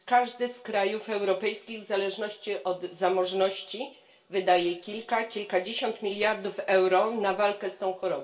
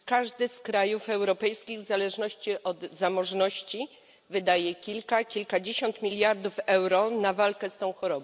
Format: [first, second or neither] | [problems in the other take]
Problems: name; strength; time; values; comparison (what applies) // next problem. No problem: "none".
second | room echo; dies away in 0.3 s